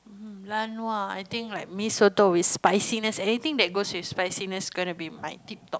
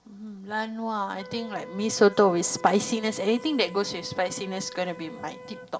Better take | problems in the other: first | background sound (Wind instrument, woodwind instrument); 18 dB below the speech // room echo; dies away in 0.3 s

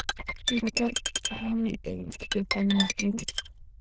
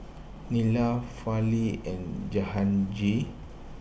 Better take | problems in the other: second | noise reduction (neural diffusion model UNIVERSE++)

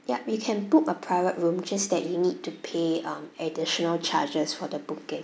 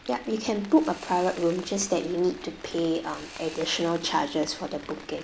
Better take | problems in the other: first | background sound (Rain + Sawing); 17 dB below the speech

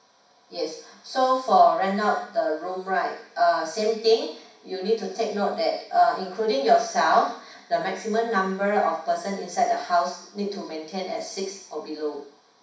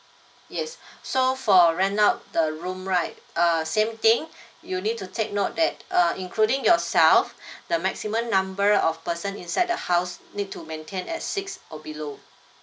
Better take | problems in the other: second | room echo; dies away in 0.6 s

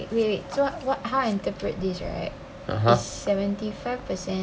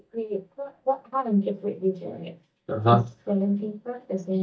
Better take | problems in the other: first | noise reduction (neural mask model DeepFilterNet 3)

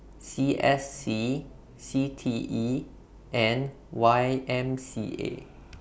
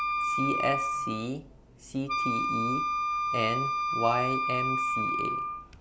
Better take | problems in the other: first | background sound (Wind instrument, woodwind instrument); 4 dB above the speech

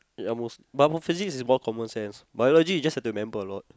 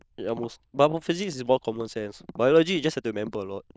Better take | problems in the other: first | noise reduction (neural diffusion model UNIVERSE++)

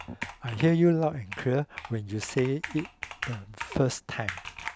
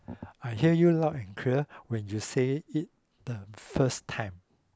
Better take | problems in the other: second | background sound (Computer keyboard); 13 dB below the speech

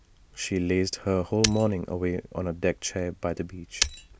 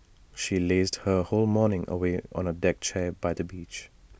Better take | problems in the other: second | background sound (Shatter); 1 dB below the speech

